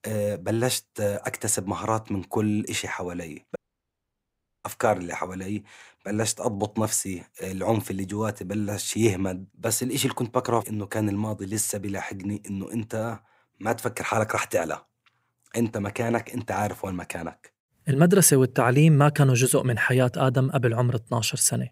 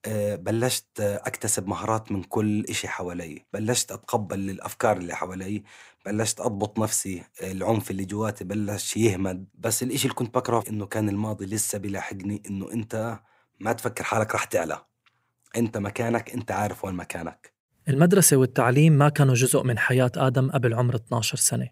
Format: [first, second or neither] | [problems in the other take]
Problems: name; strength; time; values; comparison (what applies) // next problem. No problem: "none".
second | audio cutting out; at 3.5 s for 1 s